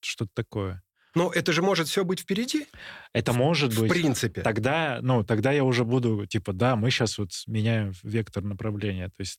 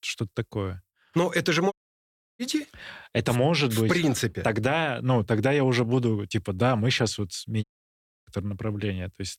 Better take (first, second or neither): first